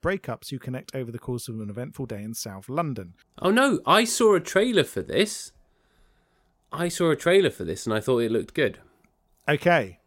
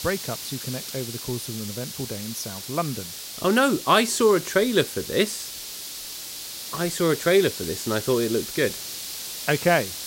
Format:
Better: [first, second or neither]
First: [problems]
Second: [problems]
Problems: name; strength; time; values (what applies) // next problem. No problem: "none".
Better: first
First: none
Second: hiss; loud; throughout; 8 dB below the speech